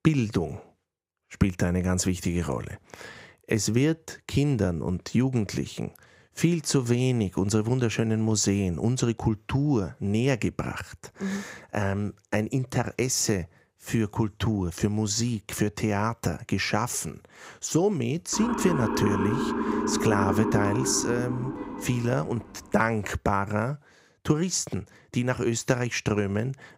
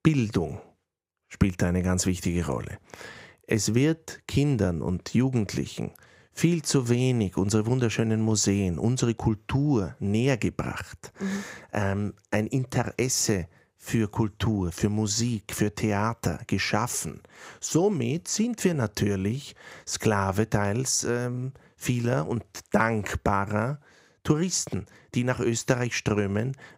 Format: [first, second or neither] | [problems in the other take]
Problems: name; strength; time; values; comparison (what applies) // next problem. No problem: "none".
second | siren; loud; from 18 to 22 s; peak level with the speech